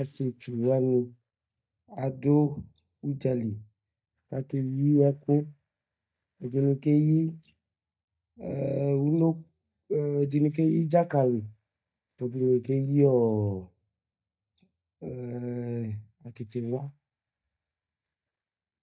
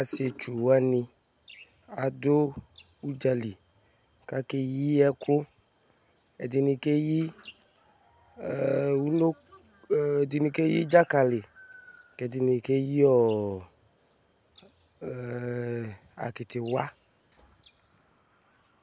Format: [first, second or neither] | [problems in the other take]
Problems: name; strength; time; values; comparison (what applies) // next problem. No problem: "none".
second | noise reduction (neural mask model DeepFilterNet 3)